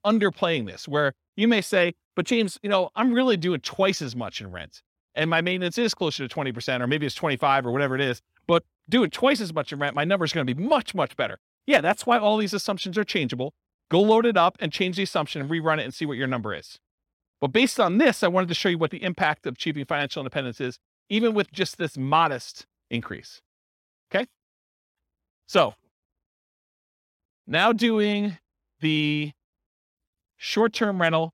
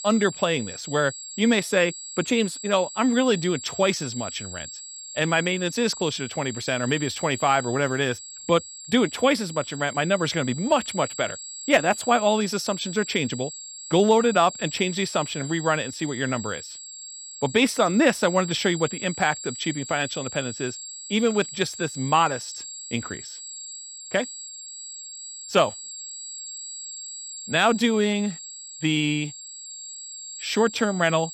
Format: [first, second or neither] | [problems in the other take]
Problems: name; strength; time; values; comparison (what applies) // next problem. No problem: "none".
first | high-pitched whine; noticeable; throughout; 7.5 kHz, 10 dB below the speech